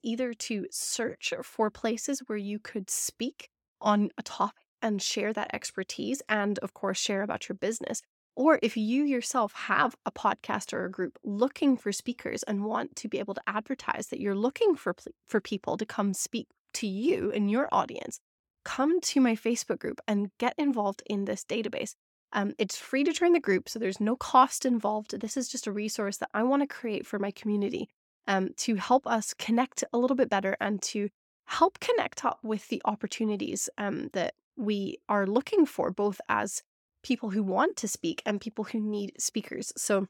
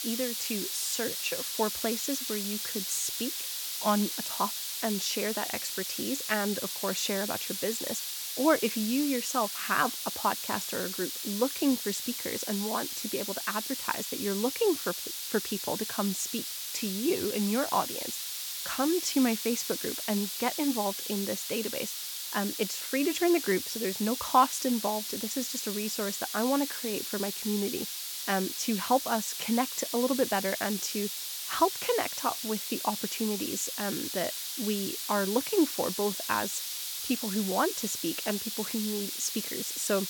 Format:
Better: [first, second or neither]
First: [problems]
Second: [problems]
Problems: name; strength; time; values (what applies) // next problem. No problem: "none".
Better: first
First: none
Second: hiss; loud; throughout; 2 dB below the speech